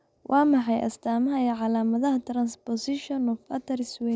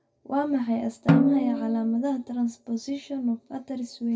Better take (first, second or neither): first